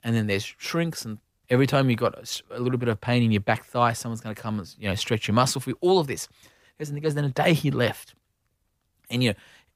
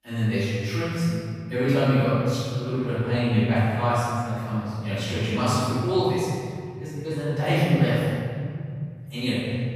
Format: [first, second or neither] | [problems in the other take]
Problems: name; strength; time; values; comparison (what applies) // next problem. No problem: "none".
first | room echo; strong; dies away in 3 s // off-mic speech; far